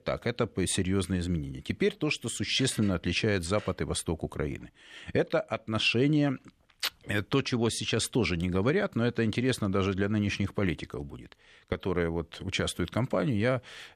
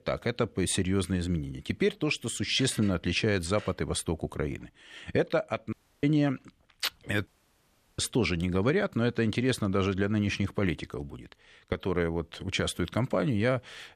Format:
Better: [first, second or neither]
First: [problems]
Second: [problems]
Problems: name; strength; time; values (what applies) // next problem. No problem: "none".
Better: first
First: none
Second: audio cutting out; at 5.5 s and at 7.5 s for 0.5 s